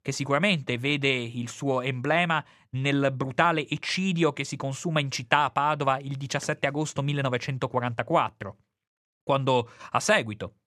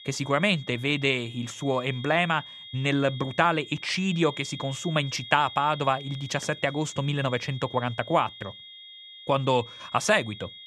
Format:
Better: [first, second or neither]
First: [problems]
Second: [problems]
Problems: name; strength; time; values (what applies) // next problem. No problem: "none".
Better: first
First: none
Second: high-pitched whine; noticeable; throughout; 3.5 kHz, 15 dB below the speech